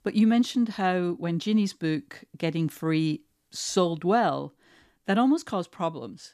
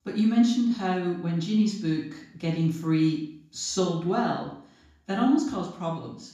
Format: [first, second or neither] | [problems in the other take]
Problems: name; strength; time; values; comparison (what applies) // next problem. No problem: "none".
first | room echo; noticeable; dies away in 0.5 s // off-mic speech; far